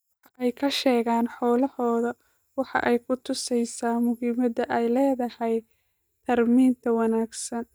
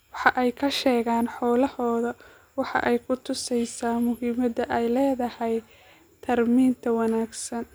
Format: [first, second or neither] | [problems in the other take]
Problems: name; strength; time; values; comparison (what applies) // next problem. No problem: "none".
second | noise reduction (neural mask model DeepFilterNet 3)